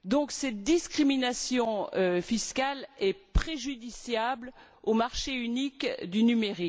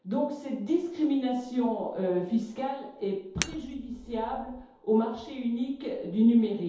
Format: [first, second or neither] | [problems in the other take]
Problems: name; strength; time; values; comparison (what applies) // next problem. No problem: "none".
first | background sound (Shatter); 12 dB below the speech // room echo; dies away in 0.8 s